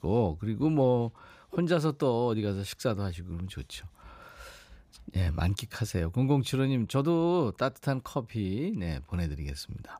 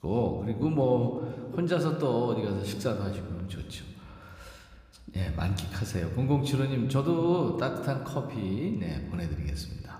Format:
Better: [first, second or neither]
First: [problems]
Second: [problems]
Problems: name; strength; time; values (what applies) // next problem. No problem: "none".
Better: first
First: none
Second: room echo; slight; dies away in 1.5 s